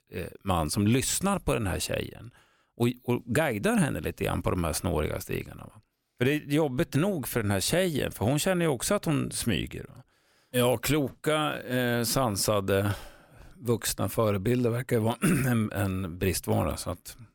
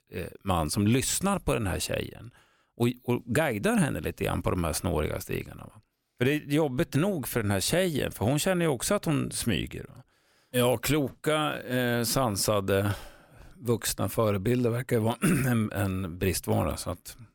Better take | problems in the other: neither | none

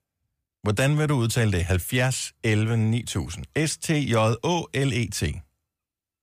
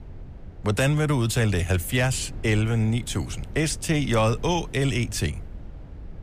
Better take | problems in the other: first | low rumble; faint; throughout; 25 dB below the speech

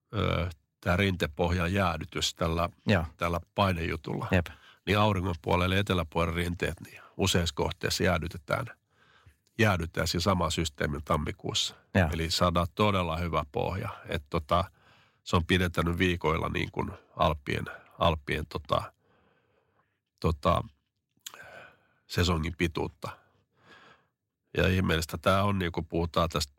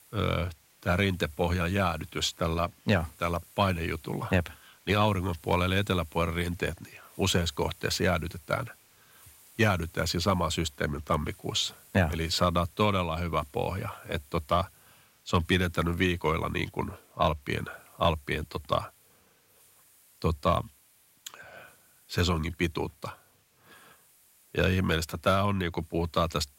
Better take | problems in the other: first | hiss; faint; throughout; 25 dB below the speech

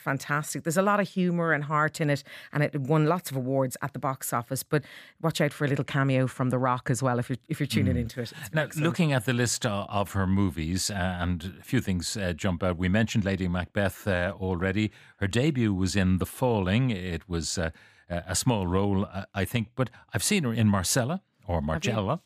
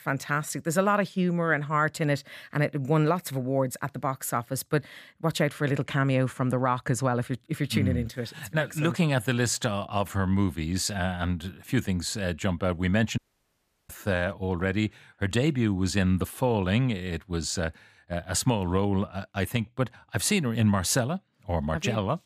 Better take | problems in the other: first | audio cutting out; at 13 s for 0.5 s

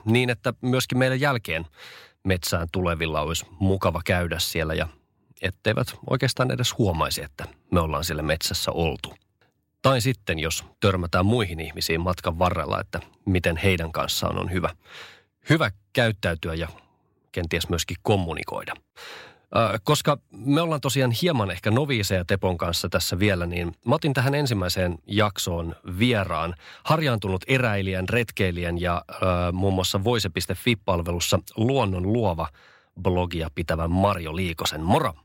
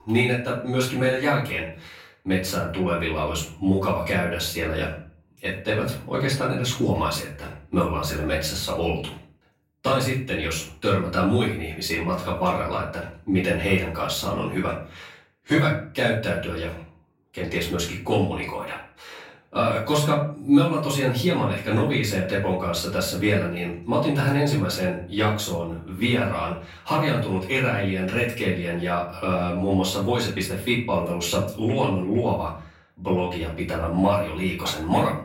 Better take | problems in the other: first | room echo; slight; dies away in 0.4 s // off-mic speech; far

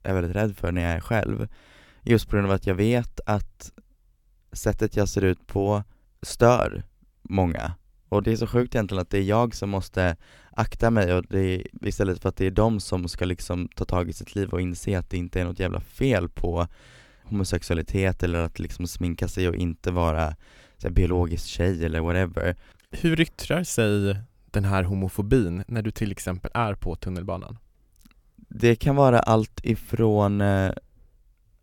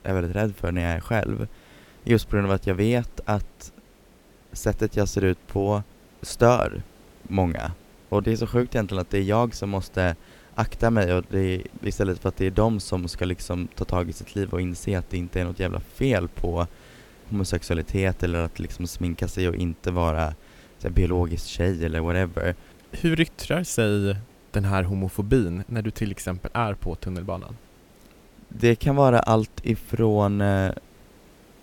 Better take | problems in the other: first | hiss; faint; throughout; 30 dB below the speech

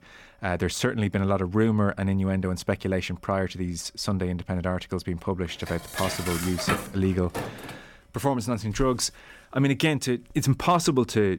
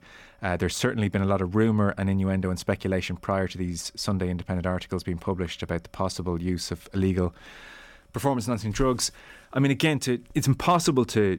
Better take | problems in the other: second | clattering dishes; noticeable; from 5.5 to 7.5 s; peak 2 dB below the speech

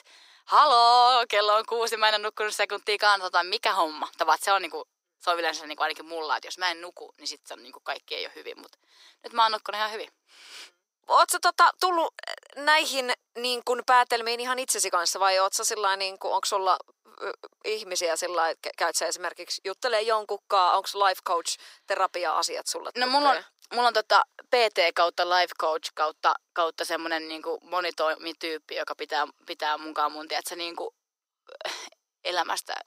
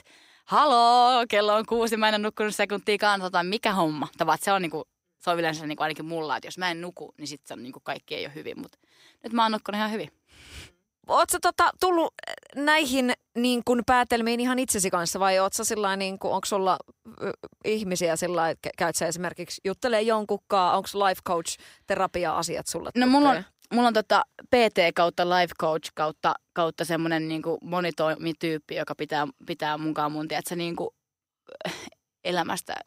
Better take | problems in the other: second | thin; very; fading below 400 Hz

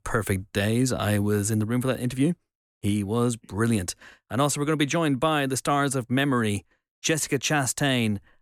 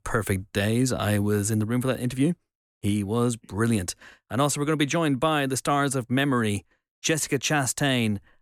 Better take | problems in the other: neither | none

